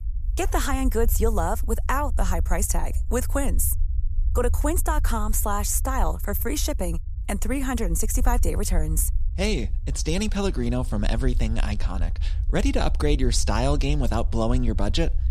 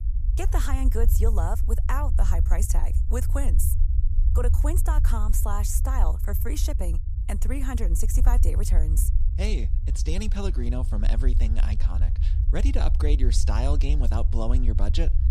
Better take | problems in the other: first | low rumble; loud; throughout; 10 dB below the speech; faint in the first

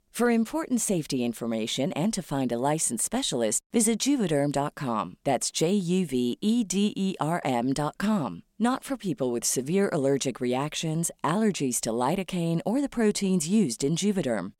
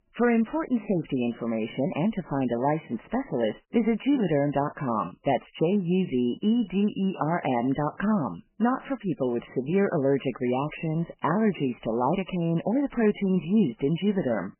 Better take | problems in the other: first | garbled, watery; badly; nothing above 3 kHz

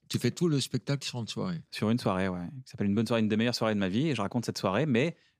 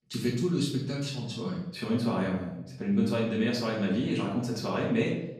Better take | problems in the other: first | off-mic speech; far // room echo; noticeable; dies away in 0.7 s

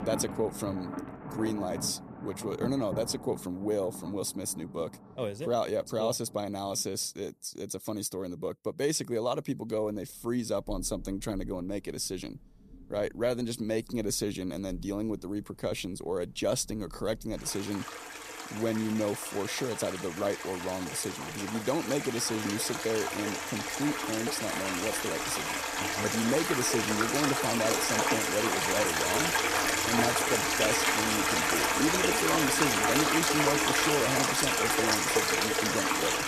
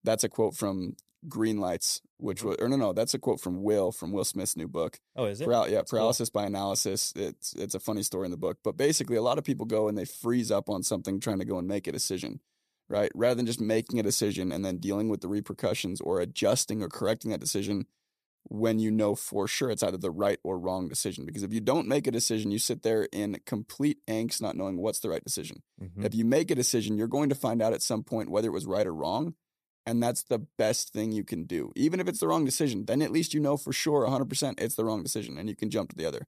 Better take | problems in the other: second | rain or running water; very loud; throughout; 4 dB above the speech

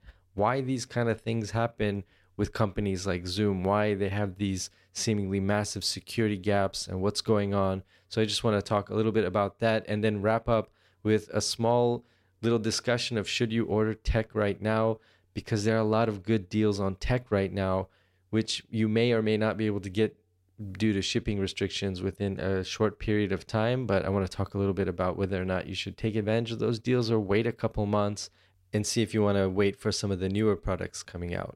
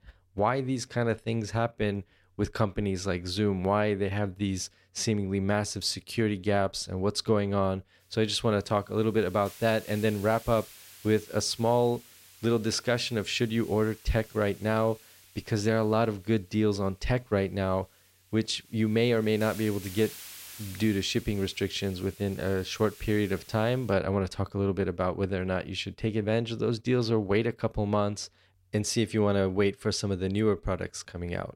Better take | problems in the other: first | hiss; noticeable; from 8 to 24 s; 20 dB below the speech

